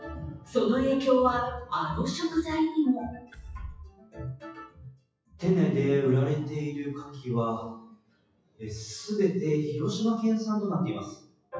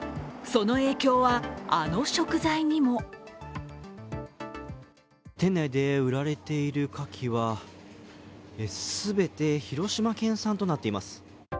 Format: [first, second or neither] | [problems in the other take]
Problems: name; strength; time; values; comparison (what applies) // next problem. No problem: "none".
second | noise reduction (classical method WPE with log-MMSE)